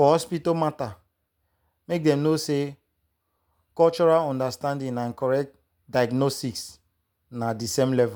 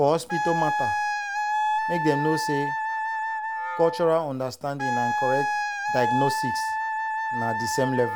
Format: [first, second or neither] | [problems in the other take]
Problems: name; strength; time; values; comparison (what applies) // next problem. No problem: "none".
first | background sound (Wind instrument, woodwind instrument); 1 dB above the speech